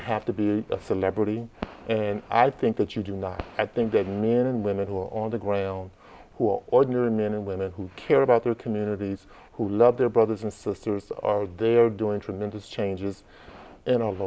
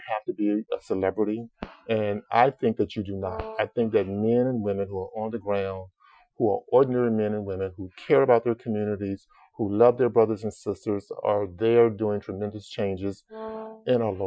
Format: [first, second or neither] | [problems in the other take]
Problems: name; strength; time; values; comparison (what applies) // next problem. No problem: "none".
first | noise reduction (classical method Wiener filter)